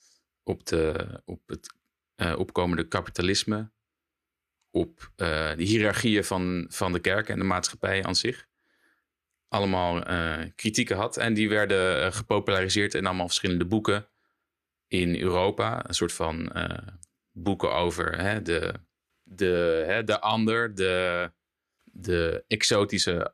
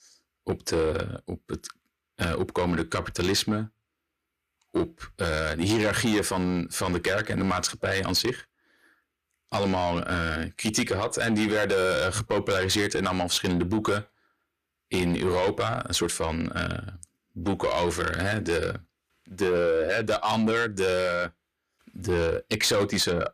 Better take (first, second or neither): first